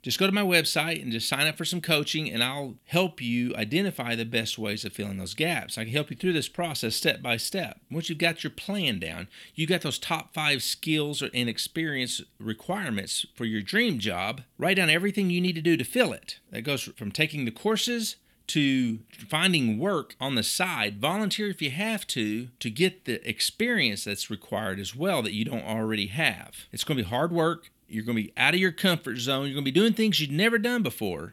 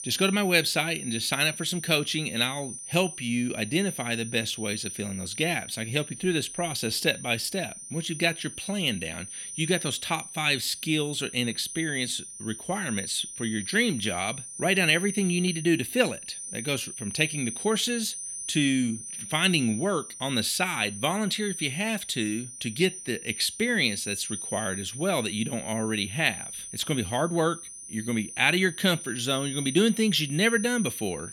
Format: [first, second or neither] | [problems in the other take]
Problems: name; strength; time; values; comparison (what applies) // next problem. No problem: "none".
first | high-pitched whine; loud; throughout; 9.5 kHz, 9 dB below the speech